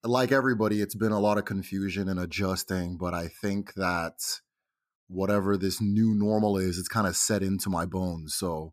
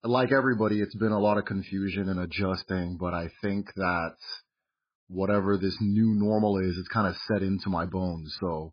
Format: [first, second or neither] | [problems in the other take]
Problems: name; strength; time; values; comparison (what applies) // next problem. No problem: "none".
first | garbled, watery; badly; nothing above 5 kHz